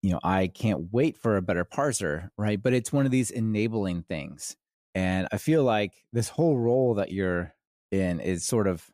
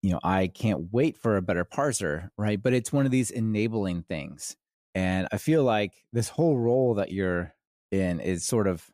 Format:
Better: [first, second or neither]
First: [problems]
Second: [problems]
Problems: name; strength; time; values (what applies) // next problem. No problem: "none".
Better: neither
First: none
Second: none